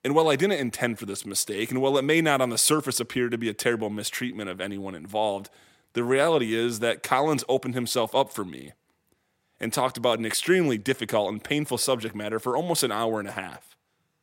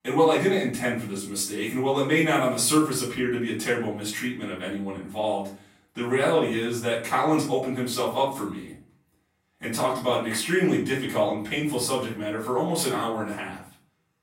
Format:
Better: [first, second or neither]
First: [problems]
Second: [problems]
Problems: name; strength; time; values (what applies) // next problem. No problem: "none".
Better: first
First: none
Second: off-mic speech; far // room echo; noticeable; dies away in 0.4 s